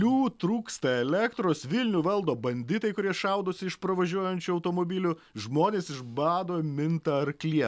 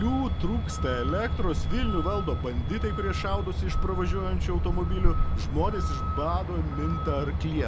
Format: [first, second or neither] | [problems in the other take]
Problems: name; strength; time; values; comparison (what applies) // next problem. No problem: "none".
first | background sound (Truck); 4 dB above the speech